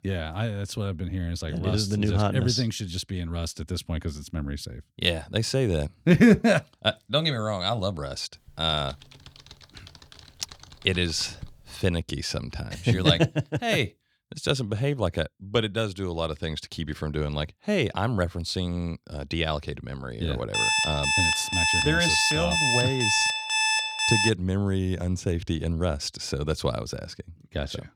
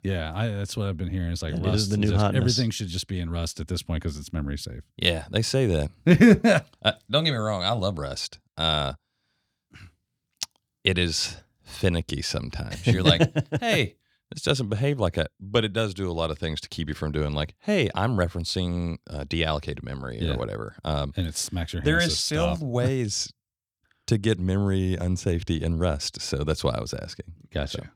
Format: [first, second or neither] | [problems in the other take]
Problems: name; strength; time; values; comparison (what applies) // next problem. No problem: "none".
second | keyboard typing; faint; from 8.5 to 12 s; peak 20 dB below the speech // alarm; loud; from 21 to 24 s; peak 6 dB above the speech